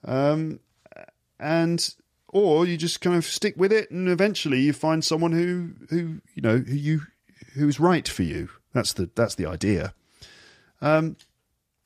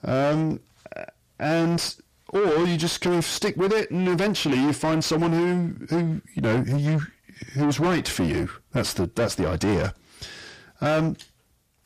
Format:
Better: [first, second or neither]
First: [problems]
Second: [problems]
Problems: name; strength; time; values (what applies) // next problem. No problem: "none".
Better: first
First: none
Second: distortion; heavy; 6 dB below the speech